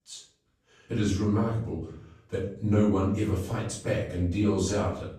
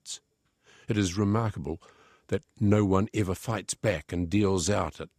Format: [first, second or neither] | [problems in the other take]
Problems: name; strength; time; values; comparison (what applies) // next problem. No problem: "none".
second | off-mic speech; far // room echo; noticeable; dies away in 0.6 s